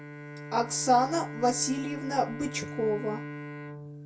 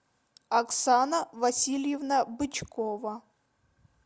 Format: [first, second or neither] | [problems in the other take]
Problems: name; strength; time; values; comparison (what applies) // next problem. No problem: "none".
second | background sound (Bowed string instrument); 10 dB below the speech // room echo; dies away in 0.2 s